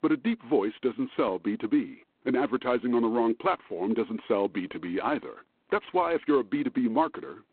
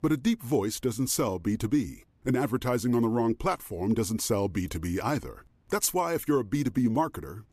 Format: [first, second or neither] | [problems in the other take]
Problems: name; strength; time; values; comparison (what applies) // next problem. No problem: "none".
second | phone-call audio; poor line; nothing above 4 kHz